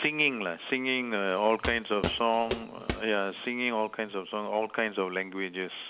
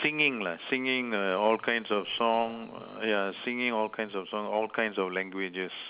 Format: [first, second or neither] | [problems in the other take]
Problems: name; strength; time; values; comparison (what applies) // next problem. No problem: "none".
second | background sound (Walk, footsteps); 6 dB below the speech